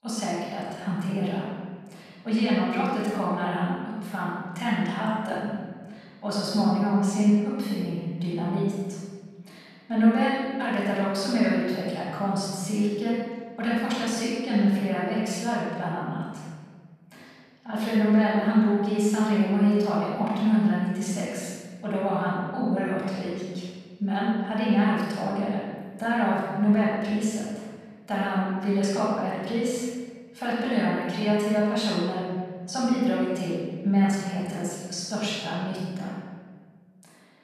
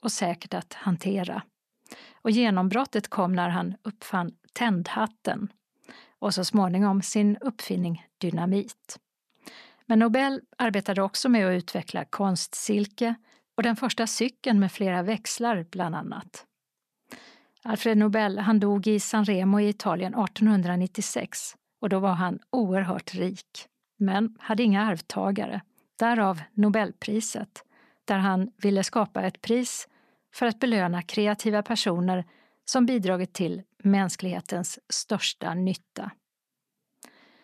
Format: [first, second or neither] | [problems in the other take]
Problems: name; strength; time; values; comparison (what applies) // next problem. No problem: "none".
second | room echo; strong; dies away in 1.6 s // off-mic speech; far